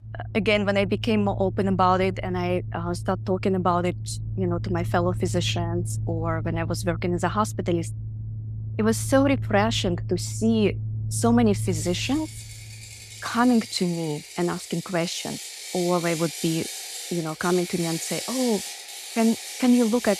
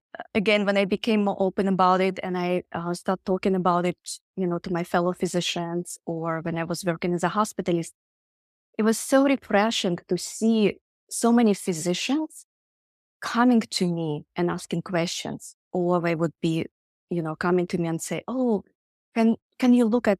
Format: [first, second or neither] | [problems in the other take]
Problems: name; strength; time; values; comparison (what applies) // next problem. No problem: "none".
second | machinery noise; loud; throughout; 8 dB below the speech